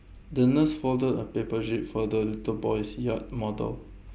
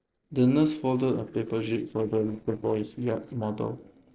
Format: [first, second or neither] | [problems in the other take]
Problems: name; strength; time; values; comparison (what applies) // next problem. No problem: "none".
first | noise reduction (neural separator model SepFormer DNS4)